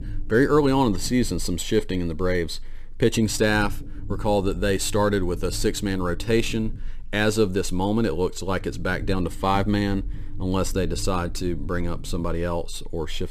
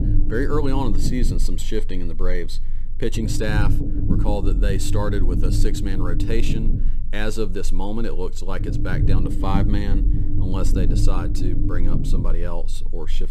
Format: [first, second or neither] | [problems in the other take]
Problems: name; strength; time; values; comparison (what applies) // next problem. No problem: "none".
first | low rumble; loud; throughout; 5 dB below the speech; faint in the first